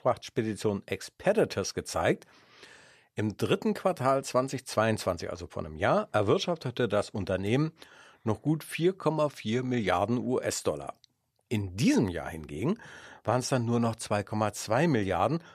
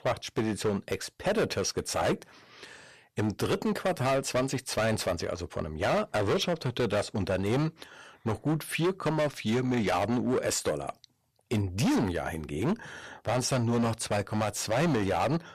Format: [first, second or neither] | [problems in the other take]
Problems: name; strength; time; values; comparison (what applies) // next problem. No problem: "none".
first | distortion; heavy; 13% of the sound clipped